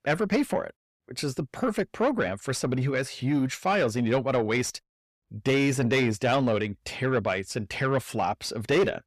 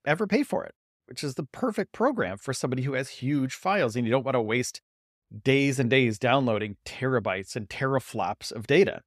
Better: second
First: distortion; slight; 10 dB below the speech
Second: none

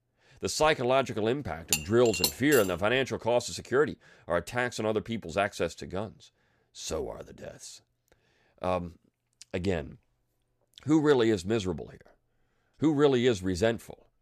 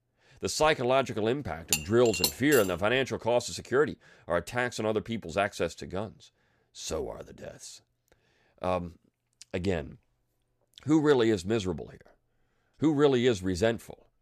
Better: neither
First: clattering dishes; noticeable; at 1.5 s; peak level with the speech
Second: clattering dishes; noticeable; at 1.5 s; peak level with the speech

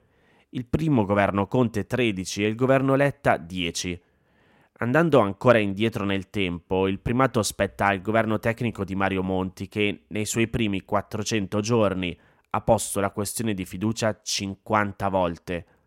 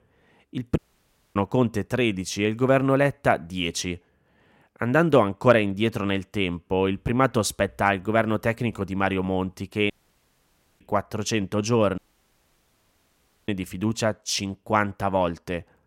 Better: first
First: none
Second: audio cutting out; at 1 s for 0.5 s, at 10 s for 1 s and at 12 s for 1.5 s

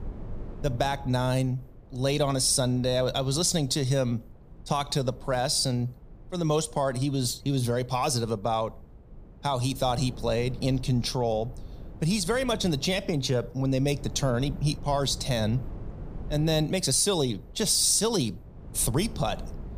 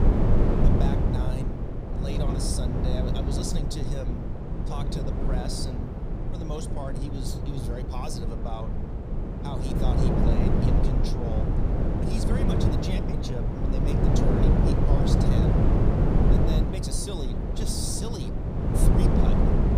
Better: first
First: wind noise on the microphone; occasional gusts; 25 dB below the speech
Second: wind noise on the microphone; heavy; 4 dB above the speech

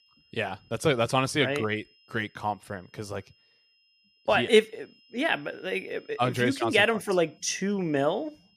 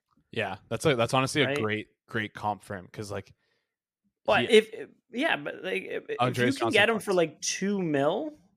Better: second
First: high-pitched whine; faint; throughout; 3 kHz, 35 dB below the speech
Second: none

